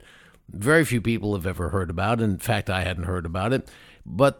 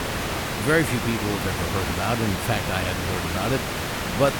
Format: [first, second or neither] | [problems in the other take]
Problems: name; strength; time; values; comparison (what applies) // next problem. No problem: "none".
first | hiss; loud; throughout; 1 dB below the speech